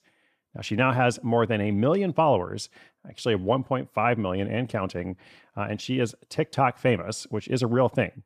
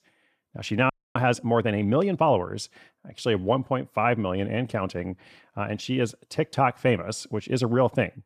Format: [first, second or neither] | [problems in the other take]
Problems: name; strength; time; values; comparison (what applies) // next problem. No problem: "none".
first | audio freezing; at 1 s